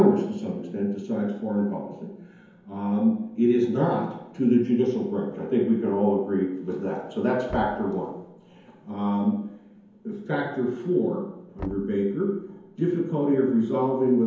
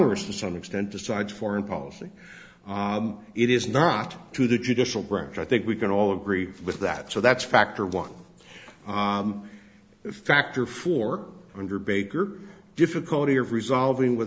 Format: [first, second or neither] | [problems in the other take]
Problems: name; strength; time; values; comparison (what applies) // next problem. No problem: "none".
second | background sound (Knock); 20 dB below the speech // room echo; dies away in 0.9 s